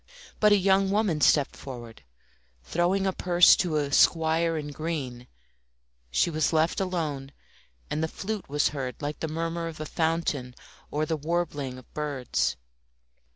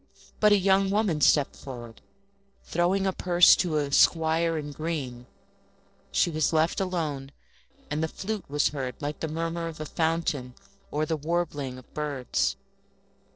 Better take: first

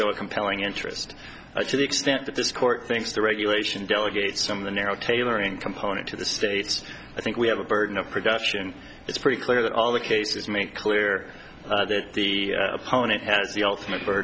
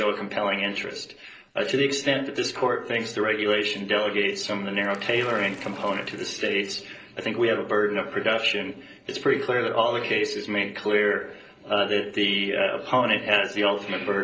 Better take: first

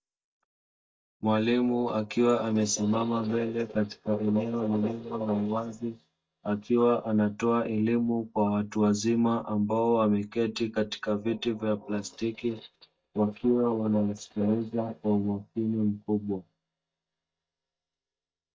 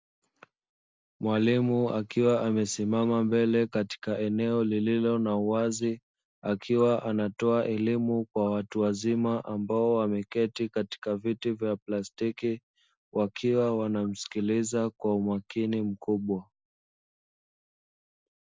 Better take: second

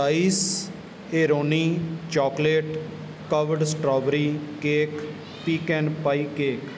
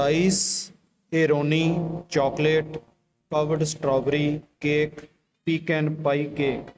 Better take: first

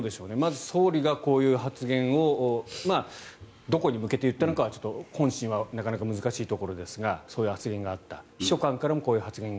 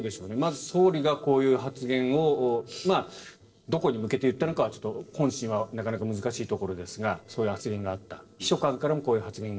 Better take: first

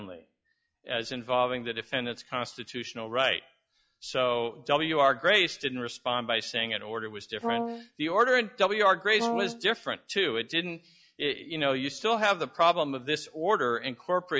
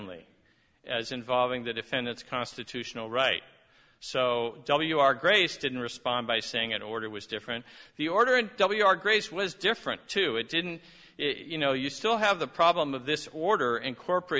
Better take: second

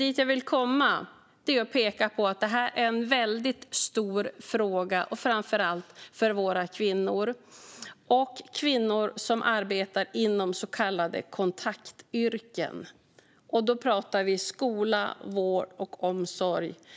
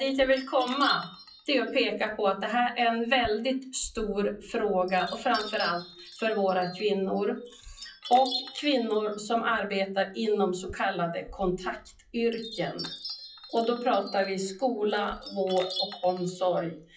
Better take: first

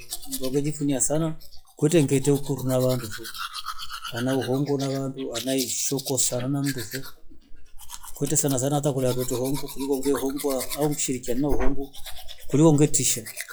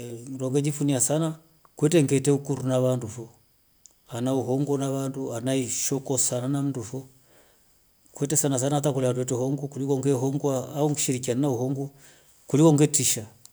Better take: second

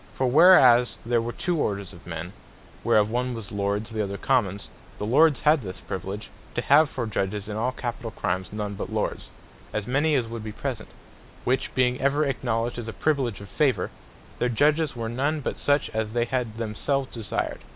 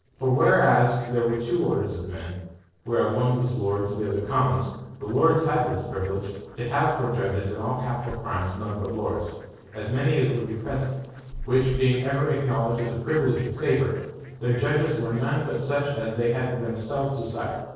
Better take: first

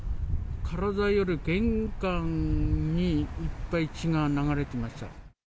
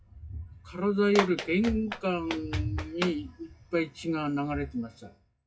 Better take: first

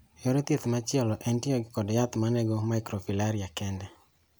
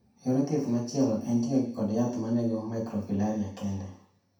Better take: first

